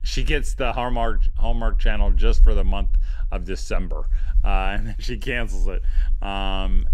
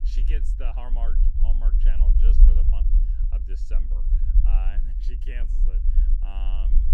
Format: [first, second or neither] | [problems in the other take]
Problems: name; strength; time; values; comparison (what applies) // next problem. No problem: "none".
first | low rumble; loud; throughout; 2 dB below the speech; faint in the first